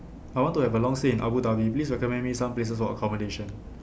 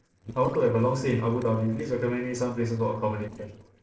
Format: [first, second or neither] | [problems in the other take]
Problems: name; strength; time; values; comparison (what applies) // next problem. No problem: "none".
first | noise reduction (neural separator model SepFormer DNS4)